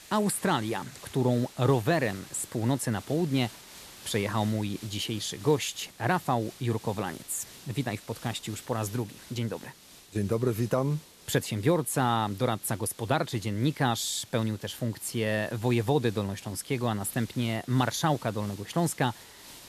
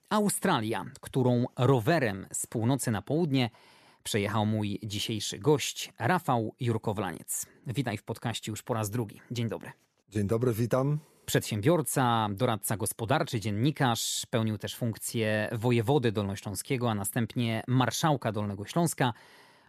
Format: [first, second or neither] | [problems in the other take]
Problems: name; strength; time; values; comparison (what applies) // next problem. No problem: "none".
second | hiss; noticeable; throughout; 20 dB below the speech